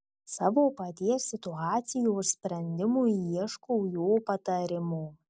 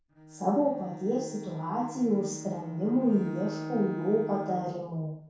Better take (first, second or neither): first